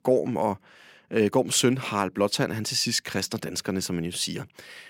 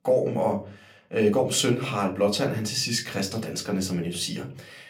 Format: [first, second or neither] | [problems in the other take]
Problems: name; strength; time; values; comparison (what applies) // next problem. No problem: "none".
first | off-mic speech; somewhat distant // room echo; very slight; dies away in 0.3 s